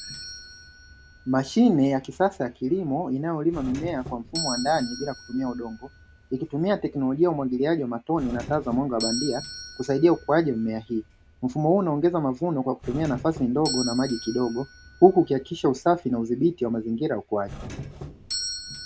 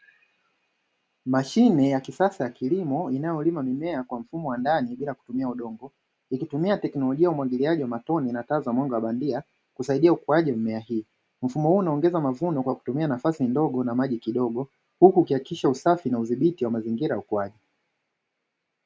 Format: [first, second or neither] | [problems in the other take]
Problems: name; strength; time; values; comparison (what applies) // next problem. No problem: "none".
second | background sound (Doorbell); 14 dB below the speech